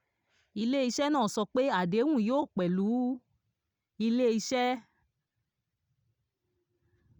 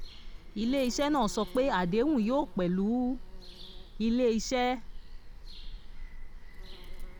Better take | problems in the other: first | background sound (Bird vocalization, bird call, bird song); 10 dB below the speech

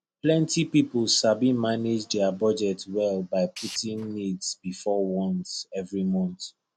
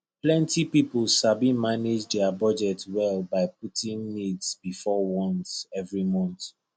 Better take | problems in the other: second | background sound (Tools); 16 dB below the speech

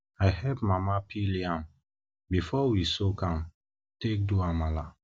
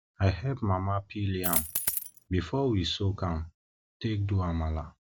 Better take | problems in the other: first | background sound (Coin (dropping)); as loud as the speech

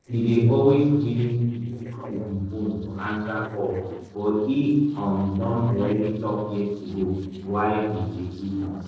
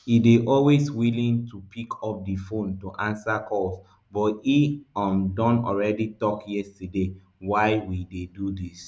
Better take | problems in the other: second | noise reduction (neural separator model SepFormer DNS4)

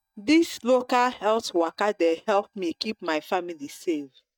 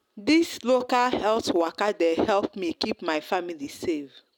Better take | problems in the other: second | noise reduction (neural mask model DeepFilterNet 3)

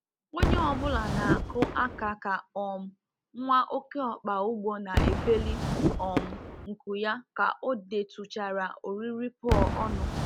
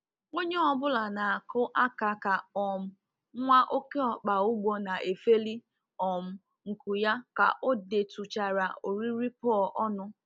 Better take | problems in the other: second | background sound (Whoosh, swoosh, swish / Fireworks); as loud as the speech

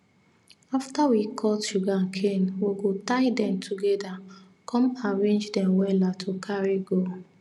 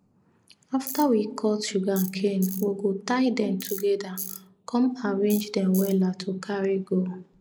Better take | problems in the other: first | noise reduction (neural mask model Resemble Enhance denoiser)

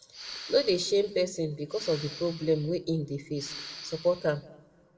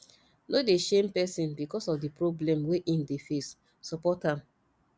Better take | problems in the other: second | background sound (Respiratory sounds); 15 dB below the speech // room echo; dies away in 1 s

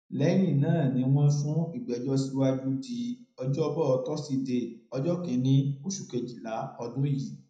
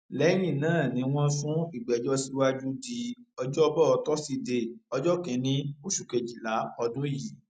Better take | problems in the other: second | room echo; dies away in 0.5 s

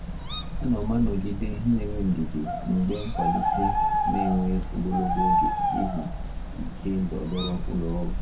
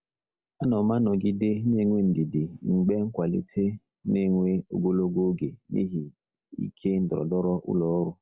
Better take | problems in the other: second | background sound (Bird); 1 dB above the speech // room echo; dies away in 0.1 s

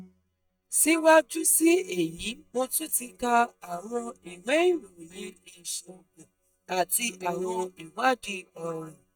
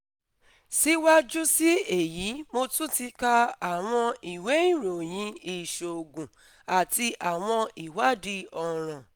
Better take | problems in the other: second | noise reduction (neural mask model DeepFilterNet 3)

